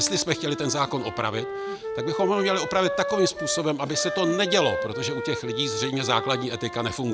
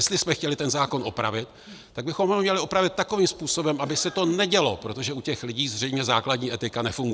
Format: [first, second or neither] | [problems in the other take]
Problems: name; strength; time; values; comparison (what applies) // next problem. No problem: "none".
second | background sound (Wind instrument, woodwind instrument); 6 dB below the speech